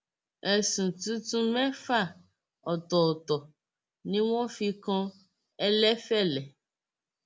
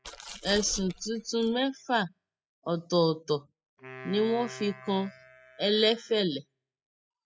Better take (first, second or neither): first